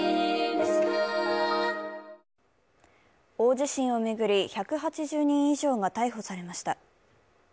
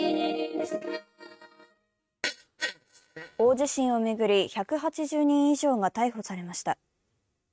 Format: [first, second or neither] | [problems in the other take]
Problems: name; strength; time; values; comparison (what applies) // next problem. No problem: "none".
first | noise reduction (neural mask model RNNoise)